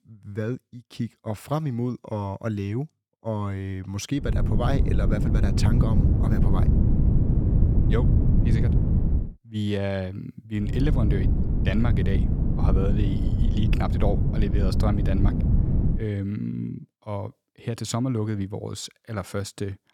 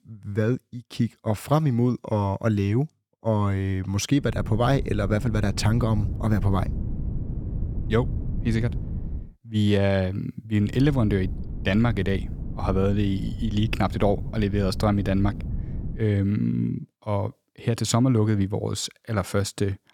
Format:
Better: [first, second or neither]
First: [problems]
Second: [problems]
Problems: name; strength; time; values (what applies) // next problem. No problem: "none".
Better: second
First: wind noise on the microphone; heavy; from 4.5 to 9 s and from 11 to 16 s; 2 dB below the speech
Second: wind noise on the microphone; occasional gusts; from 4.5 to 9 s and from 11 to 16 s; 15 dB below the speech